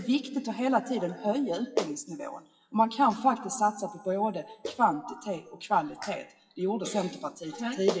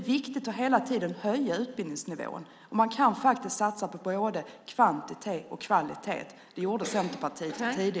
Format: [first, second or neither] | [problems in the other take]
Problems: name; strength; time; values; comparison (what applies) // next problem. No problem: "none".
second | noise reduction (classical method WPE with log-MMSE)